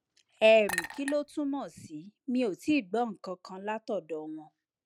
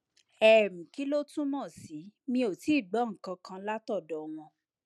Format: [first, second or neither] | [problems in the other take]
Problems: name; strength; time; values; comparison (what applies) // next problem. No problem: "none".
second | background sound (Chink, clink); 9 dB below the speech